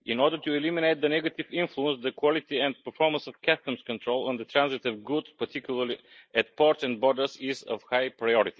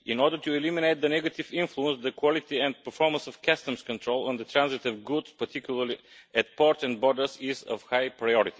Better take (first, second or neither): second